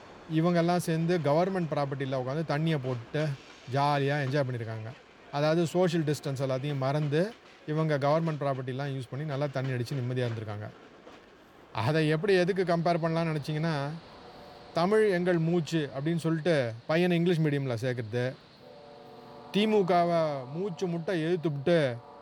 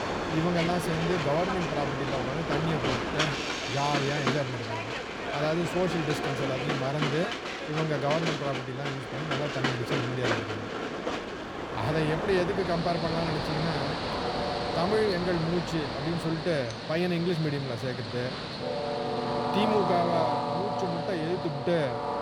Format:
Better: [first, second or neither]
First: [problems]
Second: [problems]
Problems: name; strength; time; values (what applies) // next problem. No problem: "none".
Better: first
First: train or aircraft noise; faint; throughout; 20 dB below the speech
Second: train or aircraft noise; loud; throughout; 1 dB below the speech